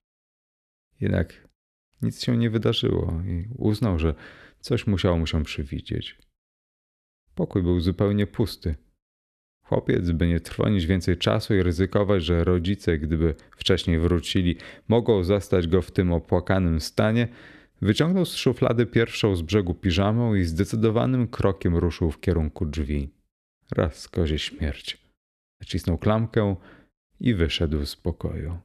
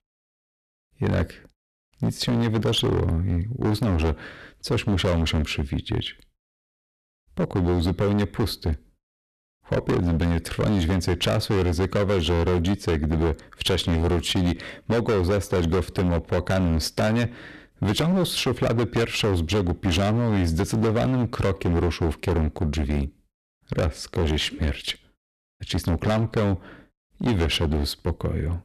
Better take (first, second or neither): first